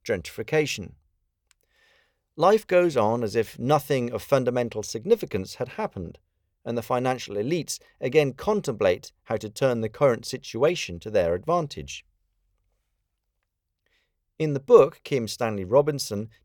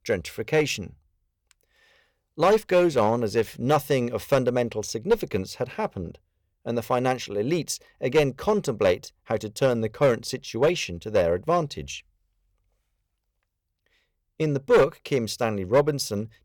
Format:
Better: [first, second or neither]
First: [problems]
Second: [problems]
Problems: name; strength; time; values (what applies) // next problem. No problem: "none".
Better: first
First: none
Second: distortion; slight; 2% of the sound clipped